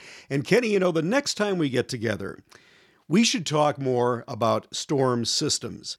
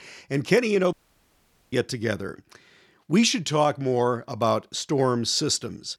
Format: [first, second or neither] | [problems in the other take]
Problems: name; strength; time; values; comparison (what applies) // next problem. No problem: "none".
first | audio cutting out; at 1 s for 1 s